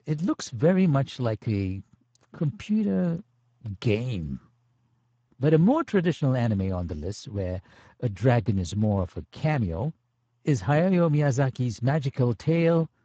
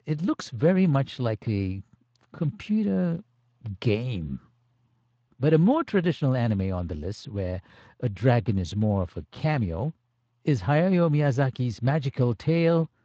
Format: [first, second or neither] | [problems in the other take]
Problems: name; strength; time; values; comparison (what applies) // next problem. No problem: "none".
second | garbled, watery; badly; nothing above 7.5 kHz; slightly in the second